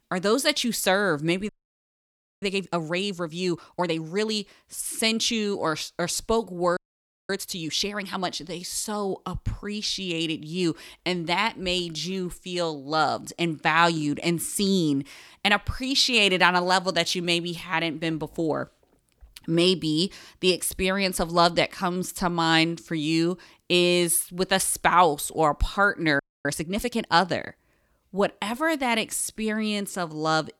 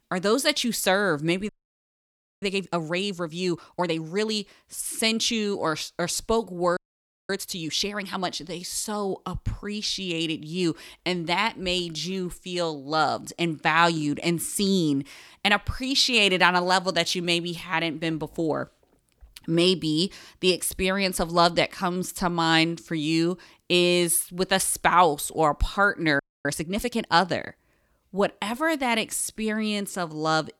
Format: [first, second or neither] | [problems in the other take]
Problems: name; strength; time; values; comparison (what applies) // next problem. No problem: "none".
neither | audio freezing; at 1.5 s for 1 s, at 7 s for 0.5 s and at 26 s; the same in both